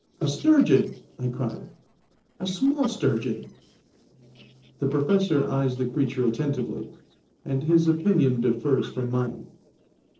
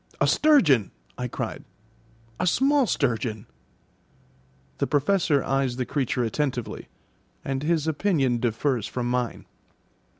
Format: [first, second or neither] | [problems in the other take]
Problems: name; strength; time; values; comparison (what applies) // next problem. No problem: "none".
second | noise reduction (neural separator model SepFormer DNS4)